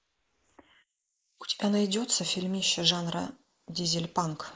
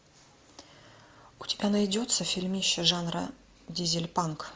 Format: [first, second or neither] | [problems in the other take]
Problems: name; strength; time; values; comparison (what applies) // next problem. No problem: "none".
second | noise reduction (neural mask model Resemble Enhance denoiser)